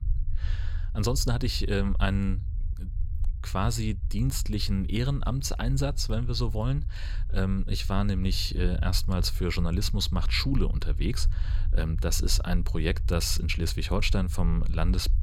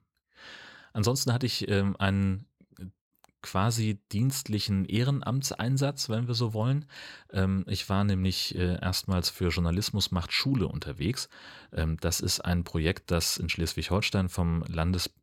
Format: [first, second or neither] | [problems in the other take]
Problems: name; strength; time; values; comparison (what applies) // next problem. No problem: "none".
second | low rumble; noticeable; throughout; 20 dB below the speech